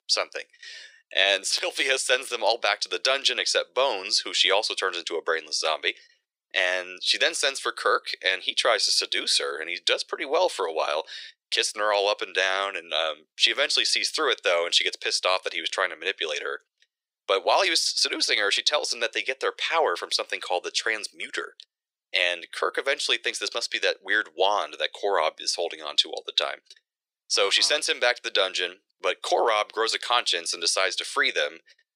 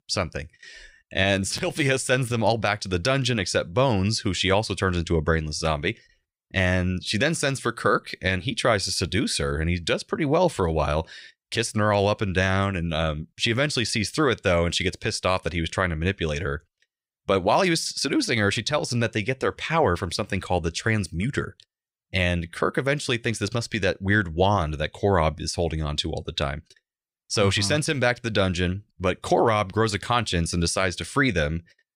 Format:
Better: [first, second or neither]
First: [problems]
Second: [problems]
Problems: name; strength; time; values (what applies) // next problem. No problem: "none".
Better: second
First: thin; very; fading below 400 Hz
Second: none